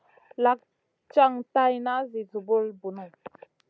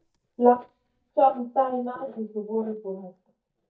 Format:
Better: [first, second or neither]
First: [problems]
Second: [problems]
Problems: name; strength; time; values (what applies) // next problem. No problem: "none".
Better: first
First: none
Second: noise reduction (neural mask model DeepFilterNet 3)